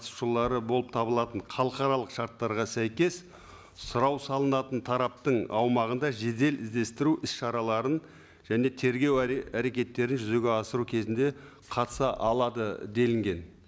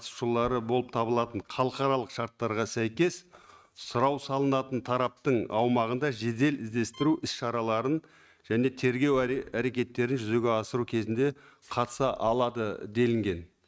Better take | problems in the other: first | noise reduction (neural mask model RNNoise)

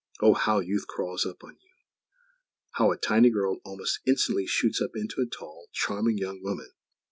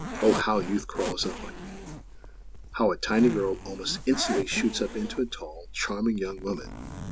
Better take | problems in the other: first | background sound (Zipper (clothing)); 9 dB below the speech

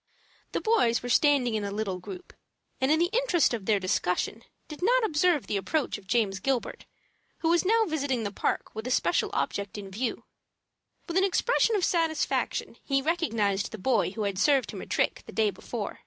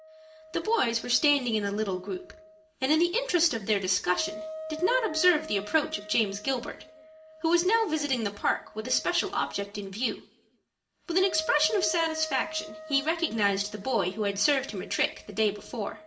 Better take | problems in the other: first | background sound (Wind instrument, woodwind instrument); 15 dB below the speech // room echo; dies away in 0.5 s

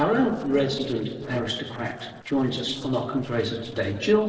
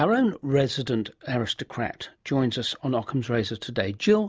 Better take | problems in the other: second | noise reduction (neural separator model SepFormer DNS4)

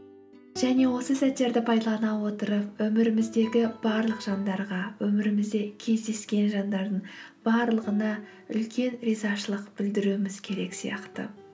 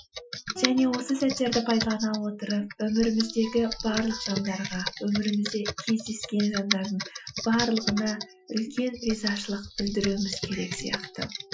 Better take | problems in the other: first | noise reduction (classical method Wiener filter)

